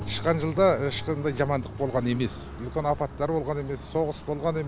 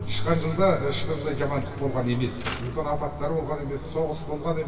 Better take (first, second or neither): first